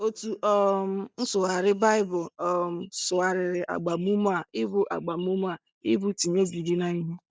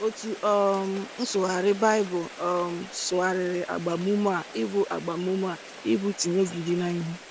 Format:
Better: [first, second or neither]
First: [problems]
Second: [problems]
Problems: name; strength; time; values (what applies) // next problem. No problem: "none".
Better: first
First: none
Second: background sound (Rain); 16 dB below the speech